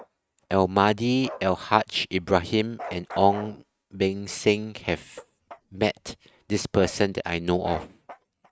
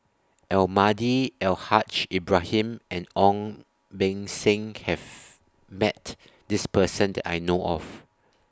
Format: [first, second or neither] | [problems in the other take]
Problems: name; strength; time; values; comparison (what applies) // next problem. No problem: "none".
second | noise reduction (neural mask model RNNoise)